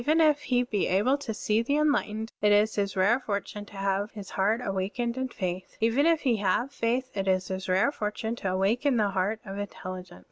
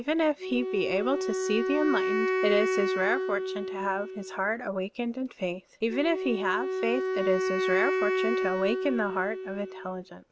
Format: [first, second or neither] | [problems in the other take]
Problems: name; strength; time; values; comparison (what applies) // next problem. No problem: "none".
first | background sound (Wind instrument, woodwind instrument); 1 dB below the speech